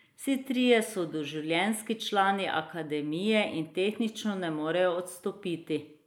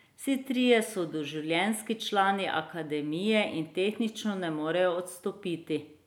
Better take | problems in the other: second | noise reduction (neural mask model Resemble Enhance denoiser)

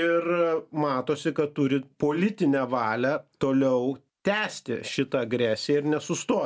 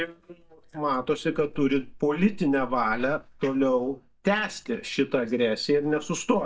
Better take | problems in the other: first | noise reduction (neural mask model DeepFilterNet 3)

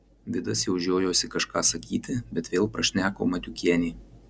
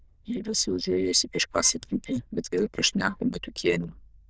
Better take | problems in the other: first | noise reduction (neural diffusion model UNIVERSE++)

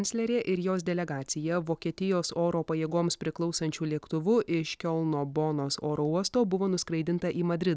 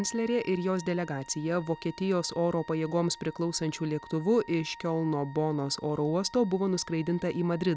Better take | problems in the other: first | background sound (Wind instrument, woodwind instrument); 20 dB below the speech

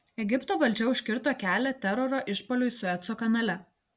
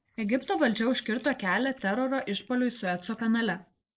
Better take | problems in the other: first | noise reduction (neural mask model Resemble Enhance denoiser)

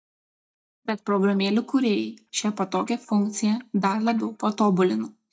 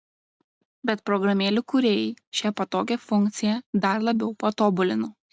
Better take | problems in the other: second | noise reduction (neural mask model DeepFilterNet 3)

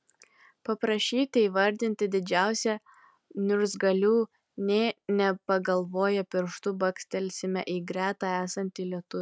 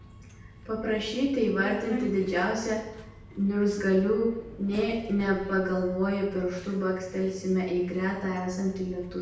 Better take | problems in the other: first | background sound (Subway, metro, underground); 14 dB below the speech // room echo; dies away in 0.8 s

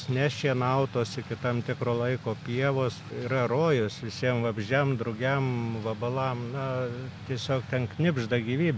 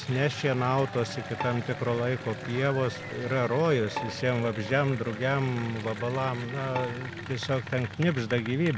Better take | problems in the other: first | background sound (Bowed string instrument + Applause / Cheering); 11 dB below the speech

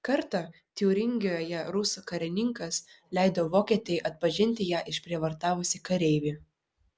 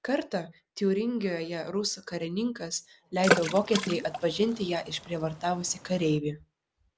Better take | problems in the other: first | background sound (Water / Splash, splatter); 3 dB below the speech

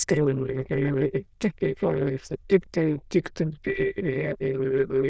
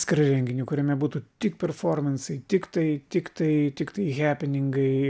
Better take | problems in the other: second | noise reduction (neural diffusion model UNIVERSE++)

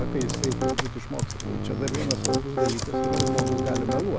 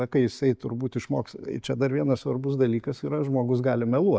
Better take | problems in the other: second | background sound (Computer keyboard + Piano); 4 dB above the speech

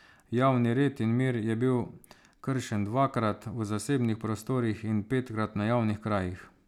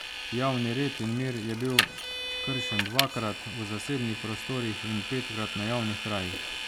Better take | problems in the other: first | background sound (Vehicle); 2 dB below the speech

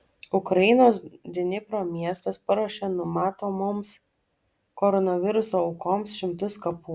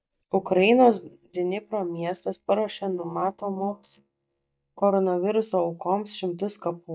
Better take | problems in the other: first | noise reduction (neural mask model DeepFilterNet 3)

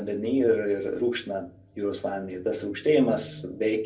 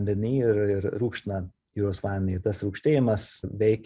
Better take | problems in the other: second | room echo; dies away in 0.2 s

